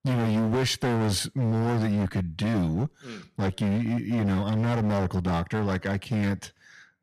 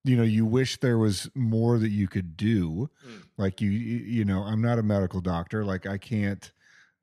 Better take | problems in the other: second | distortion; heavy; 24% of the sound clipped

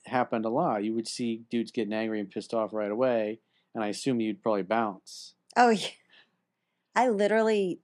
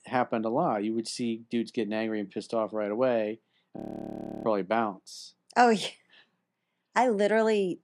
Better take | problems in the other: first | audio freezing; at 4 s for 0.5 s

